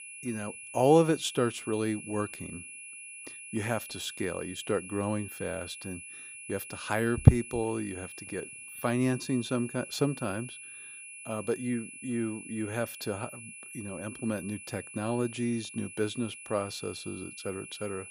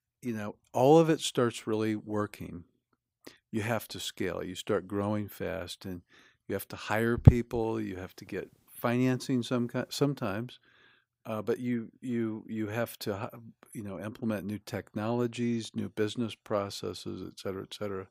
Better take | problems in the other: second | high-pitched whine; noticeable; throughout; 2.5 kHz, 10 dB below the speech

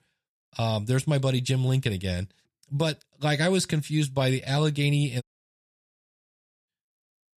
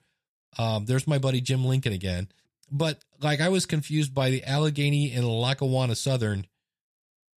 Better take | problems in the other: second | audio cutting out; at 5 s for 1.5 s

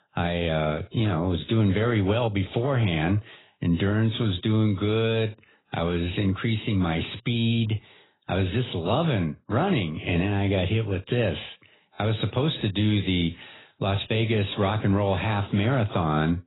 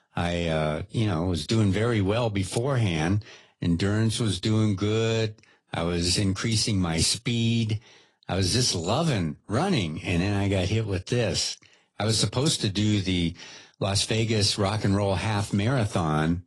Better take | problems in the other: second | garbled, watery; badly; nothing above 4 kHz; slightly in the second

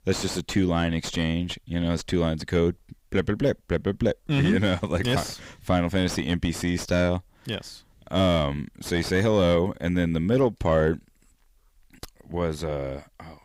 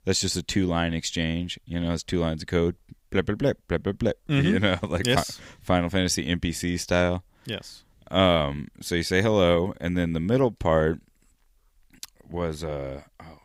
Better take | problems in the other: second | distortion; slight; 10 dB below the speech

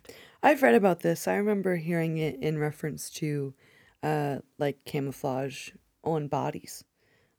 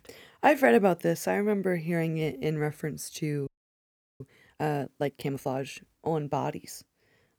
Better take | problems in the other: first | audio freezing; at 3.5 s for 0.5 s

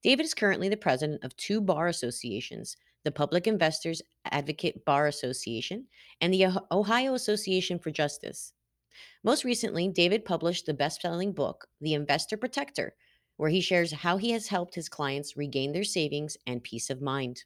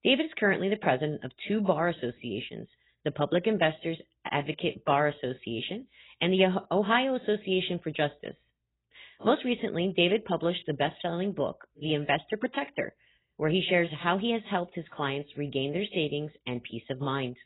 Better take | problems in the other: first | garbled, watery; badly; nothing above 3.5 kHz

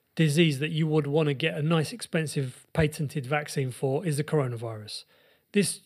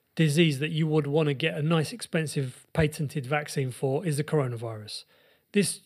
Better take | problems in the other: neither | none

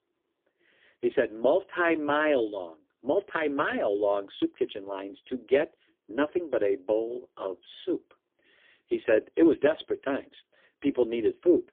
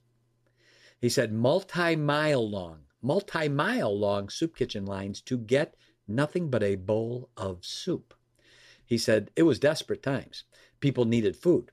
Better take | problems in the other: second | phone-call audio; poor line; nothing above 3.5 kHz

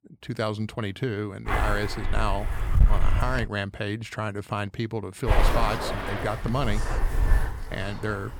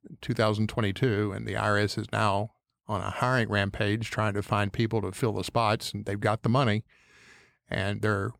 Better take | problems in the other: second | wind noise on the microphone; heavy; from 1.5 to 3.5 s and from 5.5 s on; 2 dB below the speech

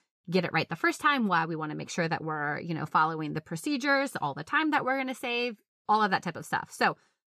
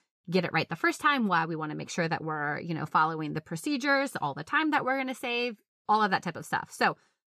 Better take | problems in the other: neither | none

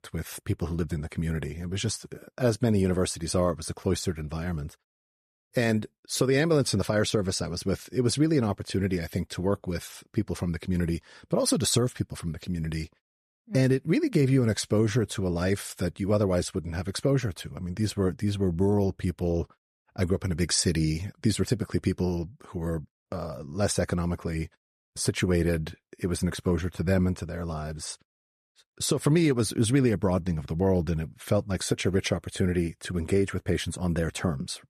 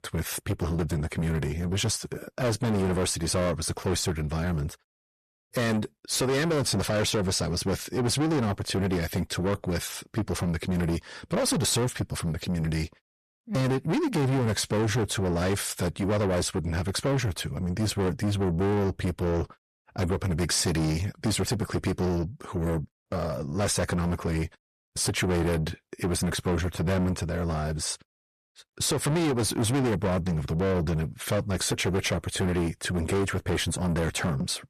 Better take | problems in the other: first | distortion; heavy; 6 dB below the speech

